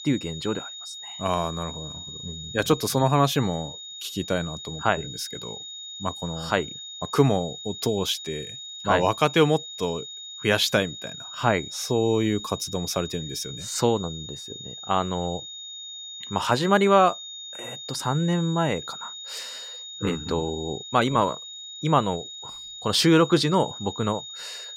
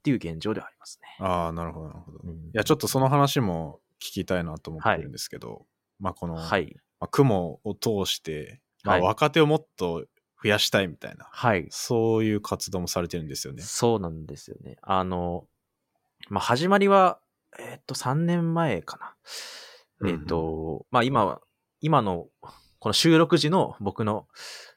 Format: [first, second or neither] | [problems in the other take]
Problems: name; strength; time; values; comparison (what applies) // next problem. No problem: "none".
second | high-pitched whine; noticeable; throughout; 3.5 kHz, 10 dB below the speech